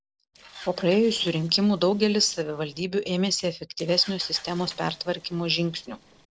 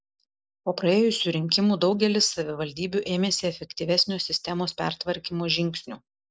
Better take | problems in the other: second | noise reduction (neural separator model SepFormer DNS4)

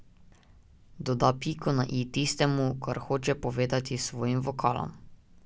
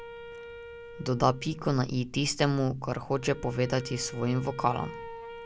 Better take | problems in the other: first | background sound (Wind instrument, woodwind instrument); 15 dB below the speech

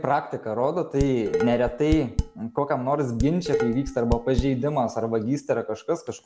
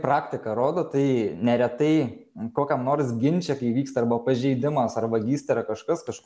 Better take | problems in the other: second | background sound (Dishes, pots, and pans); 5 dB below the speech

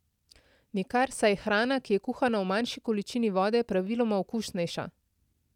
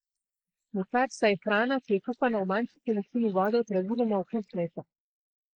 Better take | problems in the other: first | noise reduction (neural mask model Resemble Enhance denoiser)

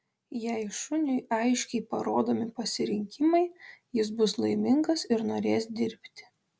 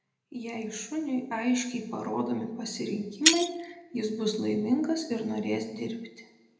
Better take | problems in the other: first | background sound (Shatter); as loud as the speech // room echo; dies away in 0.8 s

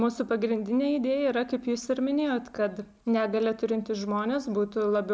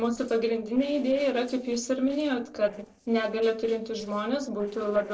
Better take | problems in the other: first | noise reduction (neural separator model SepFormer DNS4)

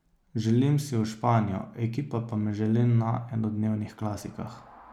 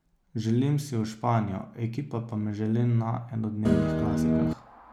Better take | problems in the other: first | background sound (Guitar); 4 dB above the speech

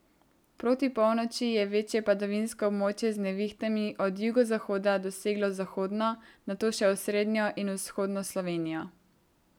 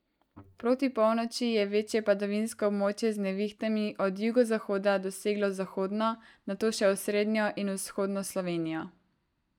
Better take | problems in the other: first | noise reduction (neural mask model DeepFilterNet 3)

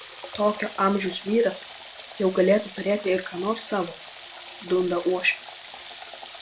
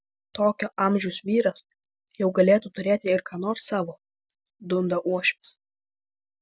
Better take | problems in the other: second | background sound (Water tap, faucet / Water); 16 dB below the speech // room echo; dies away in 0.3 s

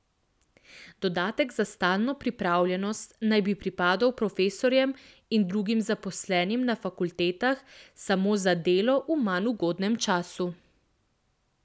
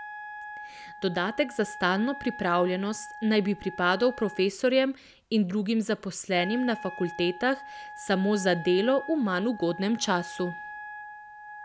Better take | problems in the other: first | background sound (Wind instrument, woodwind instrument); 15 dB below the speech

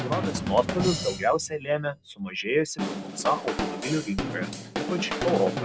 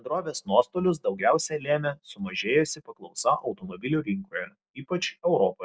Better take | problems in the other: second | background sound (Drum / Drum kit); 4 dB below the speech

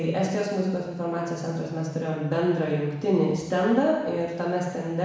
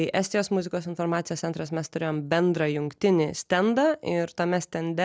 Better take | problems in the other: second | room echo; dies away in 1.1 s

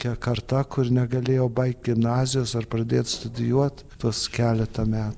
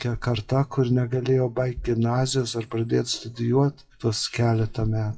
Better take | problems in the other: first | noise reduction (classical method WPE with log-MMSE)

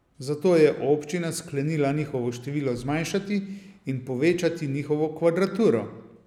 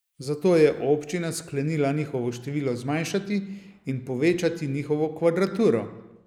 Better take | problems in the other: first | noise reduction (neural mask model Resemble Enhance denoiser)

